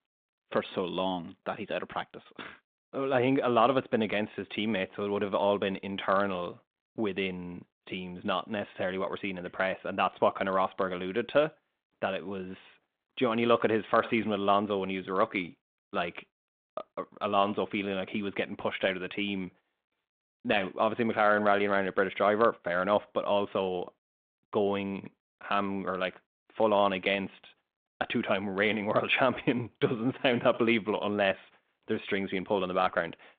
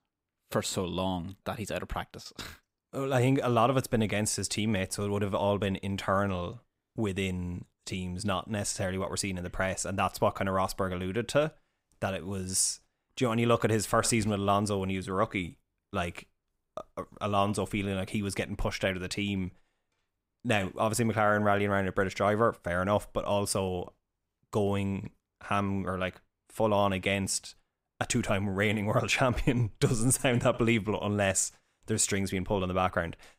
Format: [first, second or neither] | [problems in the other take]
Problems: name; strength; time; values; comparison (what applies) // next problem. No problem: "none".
second | phone-call audio